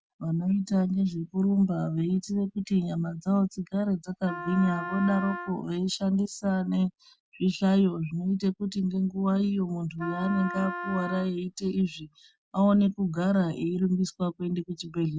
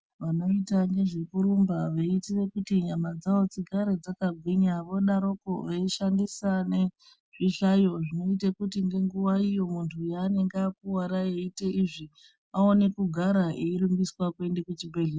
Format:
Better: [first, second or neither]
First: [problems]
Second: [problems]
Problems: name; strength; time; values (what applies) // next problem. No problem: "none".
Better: second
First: background sound (Wind instrument, woodwind instrument); 9 dB below the speech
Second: none